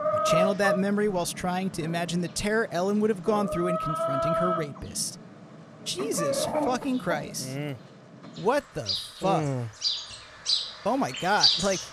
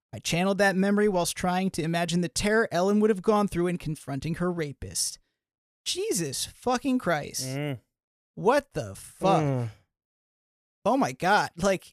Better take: second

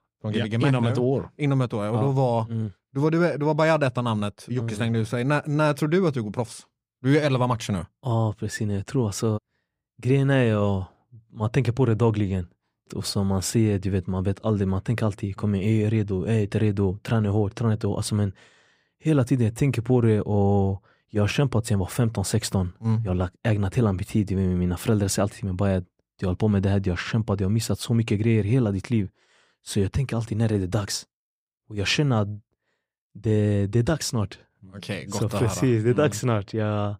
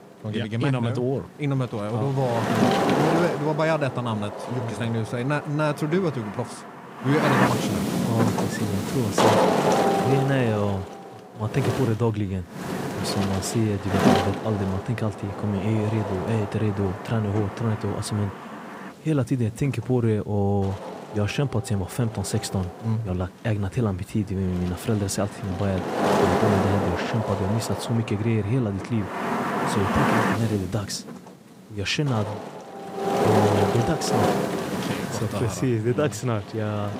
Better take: first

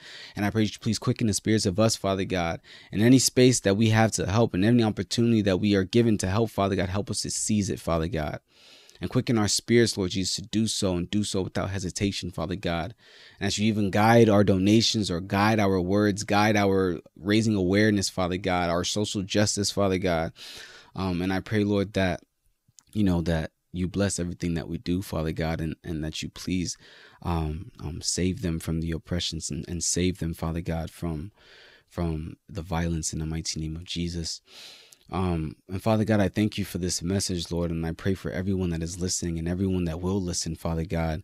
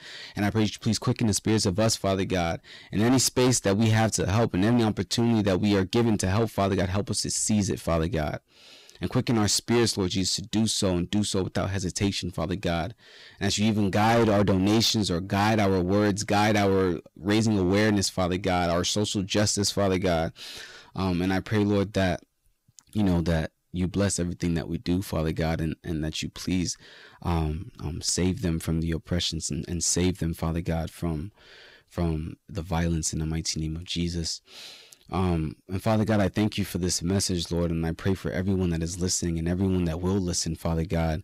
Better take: first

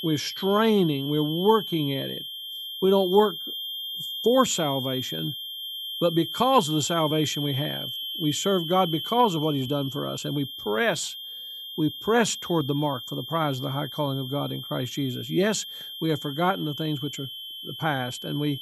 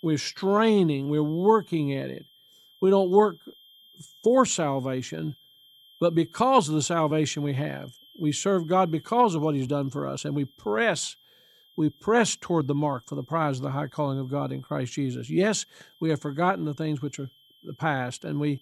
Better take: second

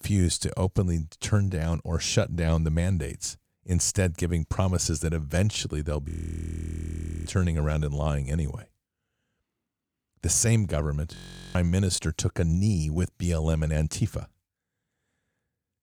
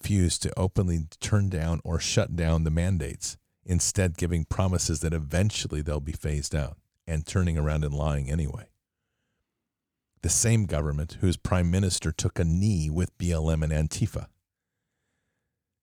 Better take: second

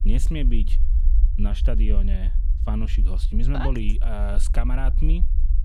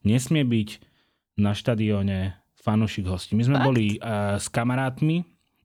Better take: second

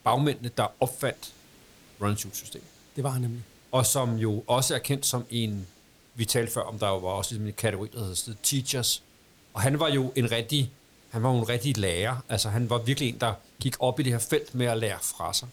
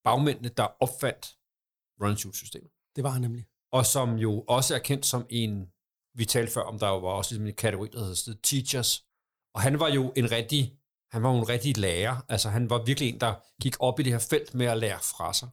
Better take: second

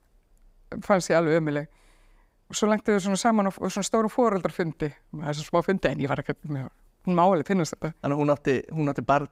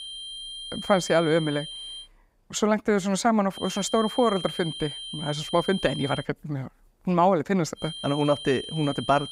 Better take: first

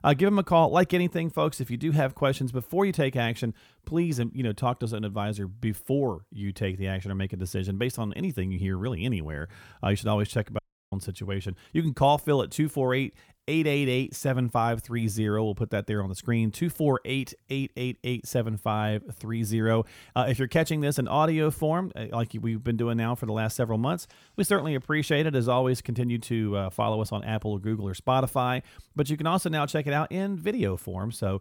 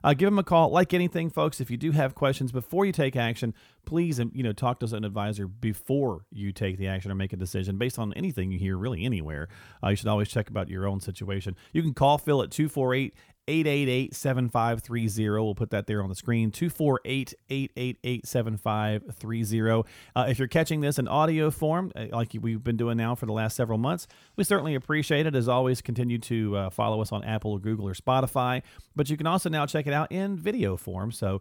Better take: second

